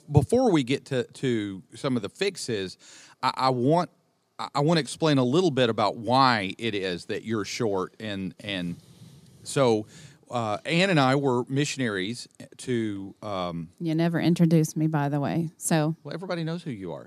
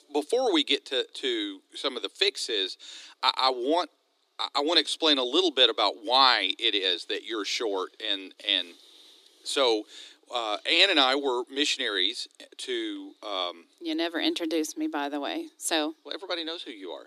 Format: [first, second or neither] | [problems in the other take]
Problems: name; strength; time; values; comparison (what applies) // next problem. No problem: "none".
first | thin; somewhat; fading below 300 Hz